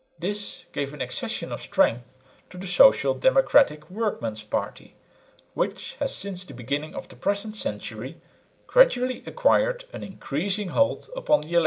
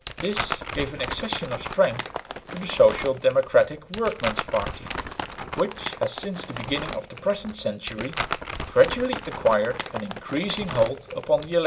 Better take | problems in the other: first | background sound (Crumpling, crinkling); 9 dB below the speech

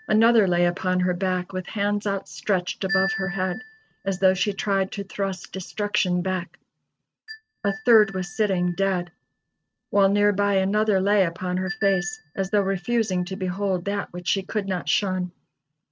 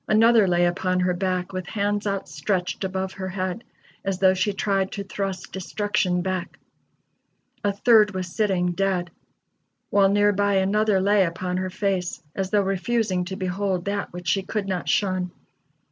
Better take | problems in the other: second | noise reduction (neural mask model RNNoise)

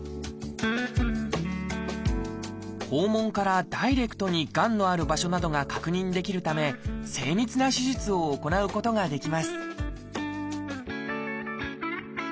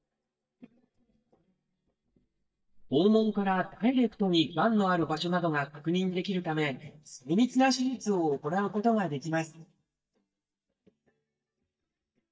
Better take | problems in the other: first | noise reduction (neural mask model DeepFilterNet 3)

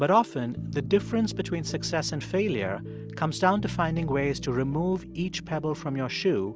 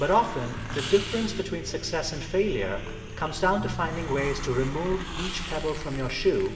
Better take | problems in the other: first | background sound (Hiss); 9 dB below the speech // room echo; dies away in 2.8 s

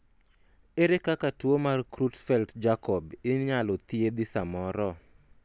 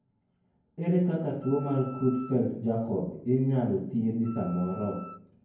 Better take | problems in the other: first | background sound (Wind instrument, woodwind instrument); 17 dB below the speech // room echo; dies away in 0.9 s

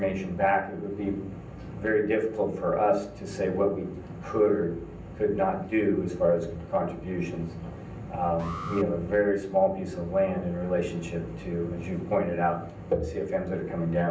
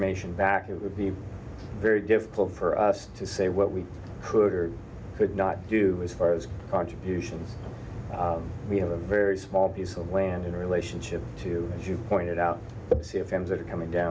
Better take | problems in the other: second | background sound (Alarm); 15 dB below the speech // room echo; dies away in 0.6 s

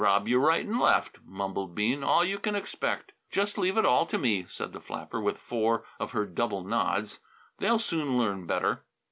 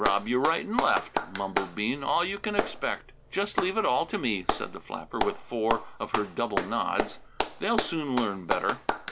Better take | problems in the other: first | background sound (Clapping); 4 dB below the speech

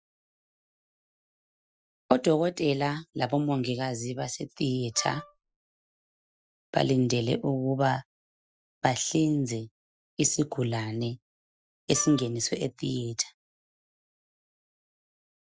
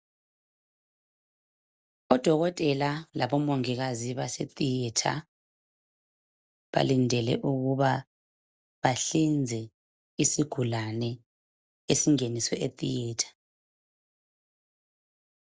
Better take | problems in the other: second | noise reduction (classical method Wiener filter)

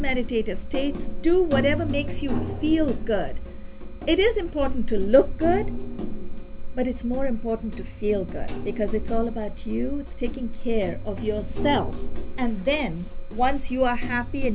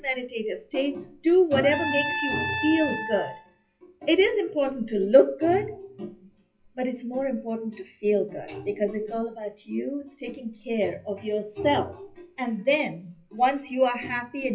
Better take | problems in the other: first | noise reduction (classical method WPE with log-MMSE)

